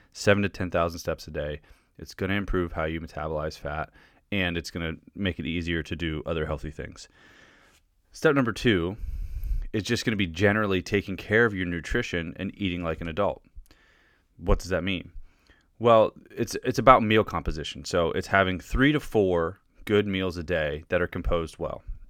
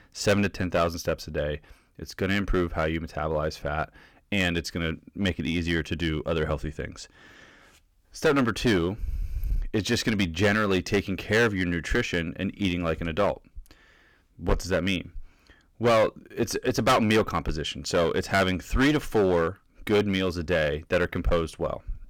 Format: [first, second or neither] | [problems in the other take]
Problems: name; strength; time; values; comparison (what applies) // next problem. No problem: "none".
first | distortion; heavy; 6% of the sound clipped